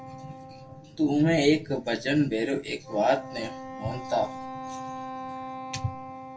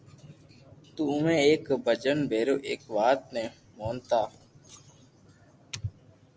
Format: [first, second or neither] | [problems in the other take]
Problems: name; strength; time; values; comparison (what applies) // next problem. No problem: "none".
second | background sound (Wind instrument, woodwind instrument); 12 dB below the speech // room echo; dies away in 0.2 s